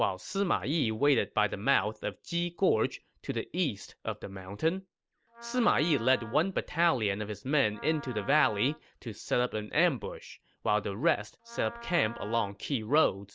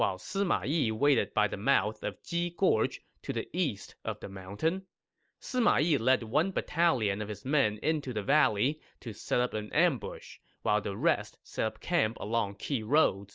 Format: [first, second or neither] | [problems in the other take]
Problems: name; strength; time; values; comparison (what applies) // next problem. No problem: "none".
second | background sound (Wind instrument, woodwind instrument); 17 dB below the speech